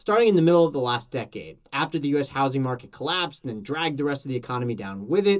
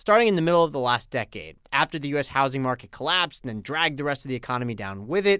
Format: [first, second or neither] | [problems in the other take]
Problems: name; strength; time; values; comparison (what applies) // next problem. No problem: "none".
second | room echo; dies away in 0.2 s